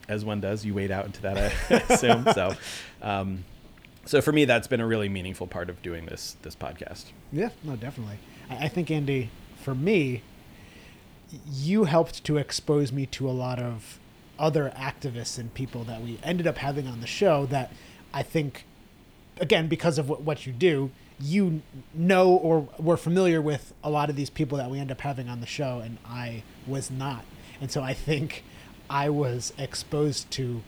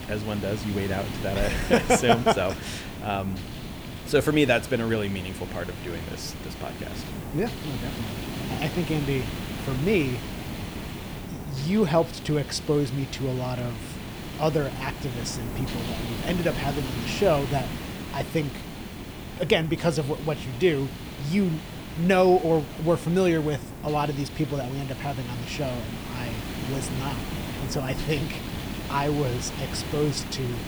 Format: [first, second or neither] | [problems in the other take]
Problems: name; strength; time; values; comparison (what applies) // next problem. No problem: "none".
first | hiss; loud; throughout; 8 dB below the speech; faint in the first